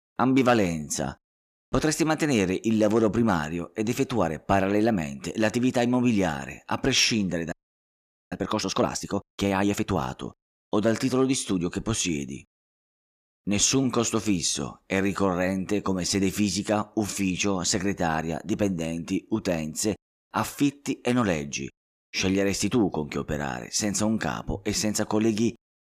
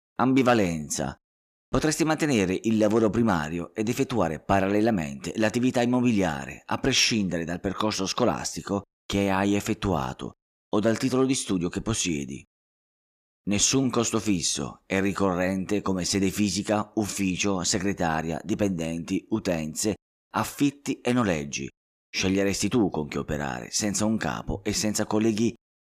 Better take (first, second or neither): second